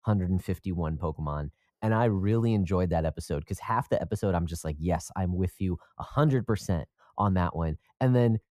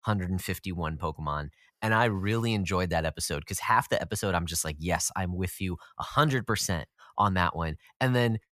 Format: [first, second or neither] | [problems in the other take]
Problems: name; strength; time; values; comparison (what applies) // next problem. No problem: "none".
second | muffled; slightly; fading above 1 kHz